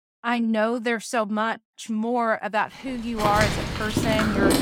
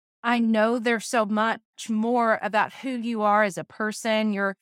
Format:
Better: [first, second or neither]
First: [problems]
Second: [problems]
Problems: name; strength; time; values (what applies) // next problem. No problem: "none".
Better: second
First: household noises; very loud; from 3 s on; as loud as the speech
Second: none